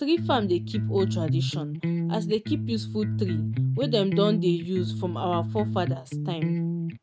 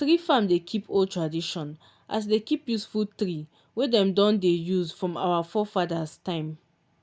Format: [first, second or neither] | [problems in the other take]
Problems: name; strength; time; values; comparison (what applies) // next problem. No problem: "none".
second | noise reduction (neural mask model RNNoise)